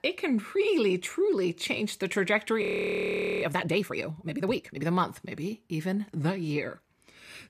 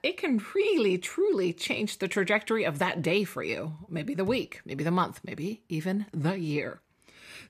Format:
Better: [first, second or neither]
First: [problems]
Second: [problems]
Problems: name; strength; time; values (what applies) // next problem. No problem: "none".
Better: second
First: audio freezing; at 2.5 s for 1 s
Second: none